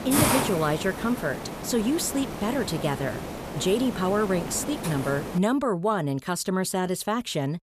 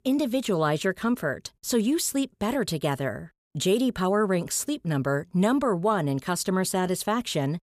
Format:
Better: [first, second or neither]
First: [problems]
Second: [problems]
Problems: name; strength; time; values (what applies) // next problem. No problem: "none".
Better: second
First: hiss; loud; until 5.5 s; 5 dB below the speech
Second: none